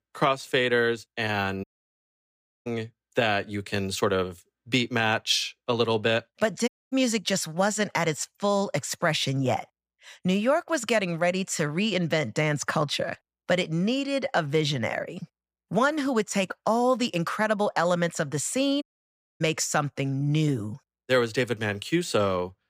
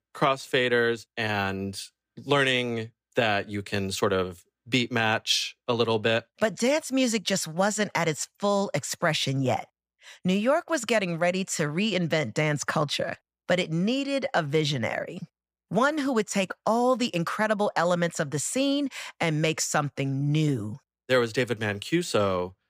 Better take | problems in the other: second | audio cutting out; at 1.5 s for 1 s, at 6.5 s and at 19 s for 0.5 s

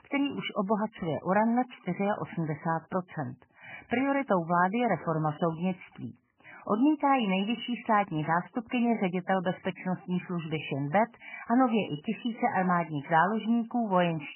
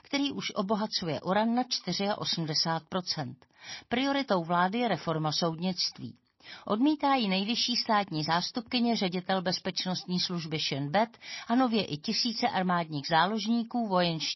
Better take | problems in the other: second | garbled, watery; badly; nothing above 3 kHz; slightly in the second

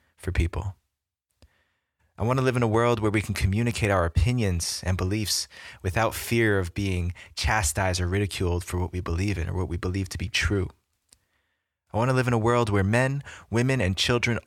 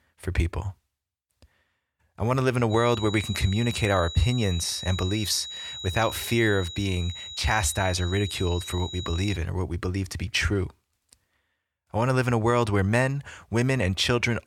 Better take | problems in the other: first | high-pitched whine; loud; from 2.5 to 9.5 s; 4 kHz, 10 dB below the speech

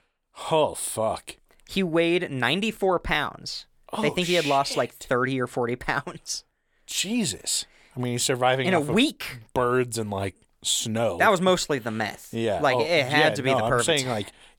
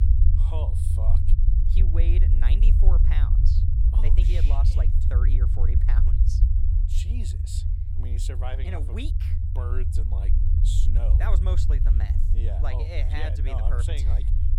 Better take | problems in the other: first | low rumble; loud; throughout; 2 dB below the speech

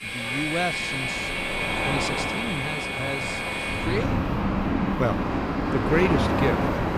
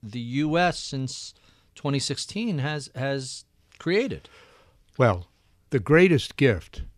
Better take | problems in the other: second | train or aircraft noise; very loud; throughout; 4 dB above the speech

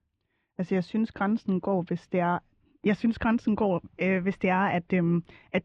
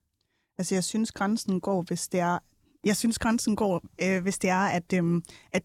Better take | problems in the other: second | muffled; very; fading above 3 kHz

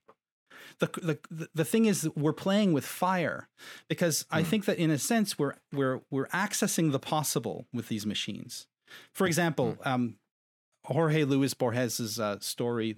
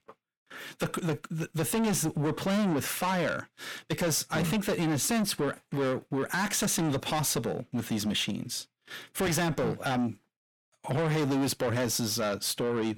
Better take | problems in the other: first | distortion; heavy; 6 dB below the speech

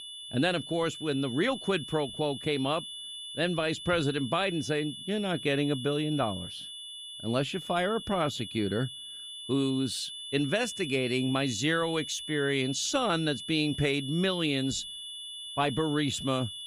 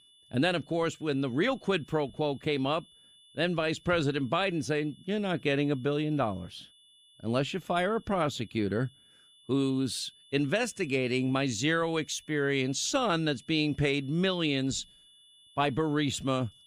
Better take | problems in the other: second | high-pitched whine; loud; throughout; 3.5 kHz, 9 dB below the speech; faint in the second

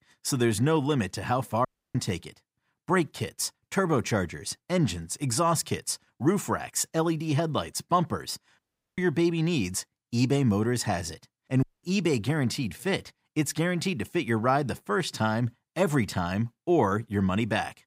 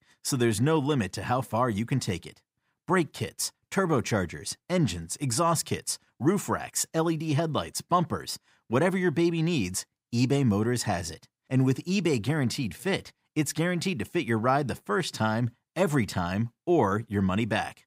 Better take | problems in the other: second | audio cutting out; at 1.5 s, at 8.5 s and at 12 s

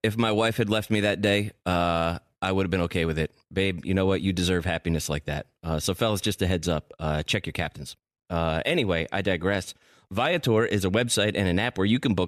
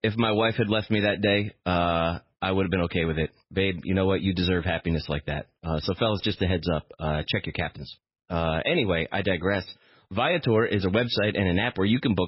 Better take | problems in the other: first | garbled, watery; badly; nothing above 5.5 kHz

